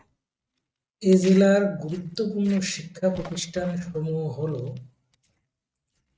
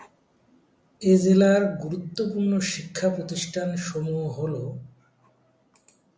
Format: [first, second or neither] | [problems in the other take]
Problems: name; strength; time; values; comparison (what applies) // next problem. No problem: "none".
second | noise reduction (neural mask model RNNoise)